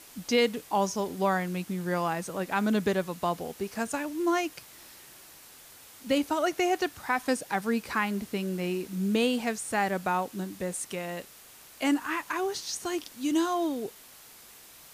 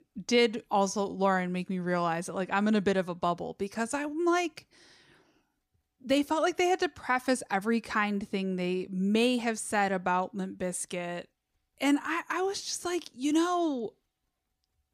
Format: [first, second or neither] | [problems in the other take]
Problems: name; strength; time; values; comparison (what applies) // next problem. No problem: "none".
second | hiss; noticeable; throughout; 20 dB below the speech